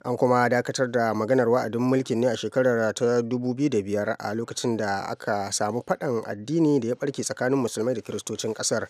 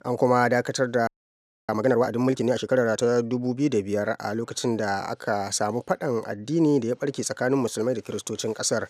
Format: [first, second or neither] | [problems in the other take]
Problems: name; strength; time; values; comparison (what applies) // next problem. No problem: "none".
first | audio freezing; at 1 s for 0.5 s